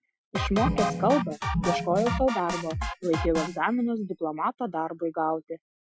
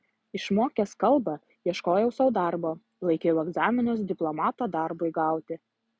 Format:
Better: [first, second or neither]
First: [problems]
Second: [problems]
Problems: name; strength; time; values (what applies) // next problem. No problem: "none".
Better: second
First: noise reduction (classical method Wiener filter)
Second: none